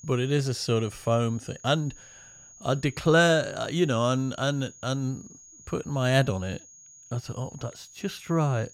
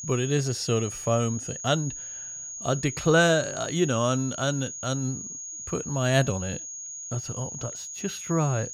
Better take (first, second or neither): first